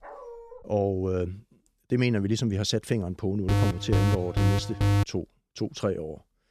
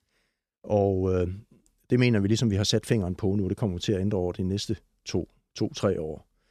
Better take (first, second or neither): second